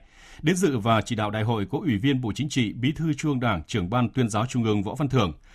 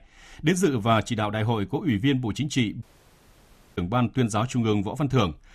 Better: first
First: none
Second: audio cutting out; at 3 s for 1 s

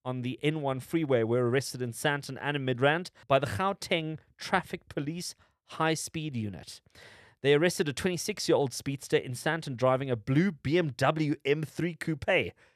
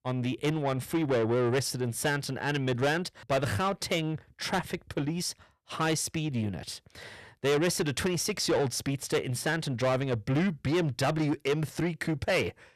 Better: first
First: none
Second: distortion; heavy; 8 dB below the speech

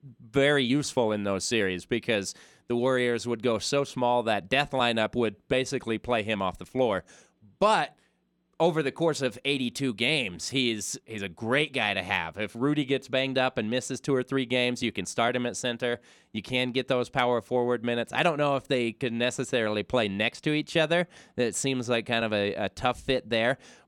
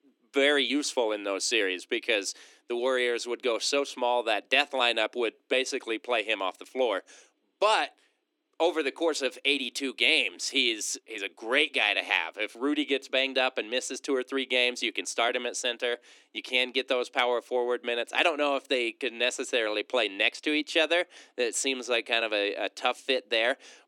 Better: first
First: none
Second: thin; very slightly; fading below 300 Hz

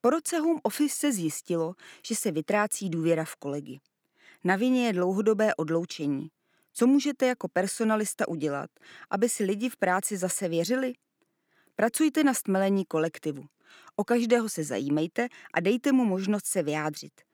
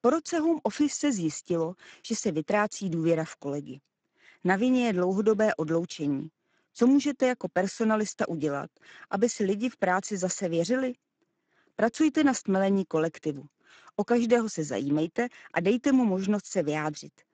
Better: first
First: none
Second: garbled, watery; badly; nothing above 7.5 kHz

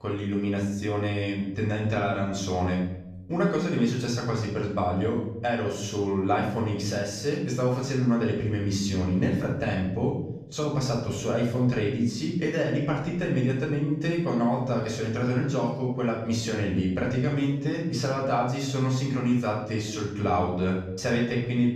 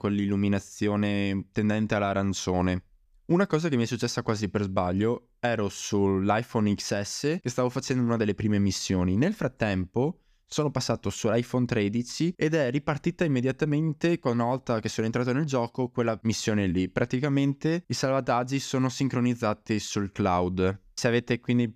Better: second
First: off-mic speech; far // room echo; noticeable; dies away in 0.8 s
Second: none

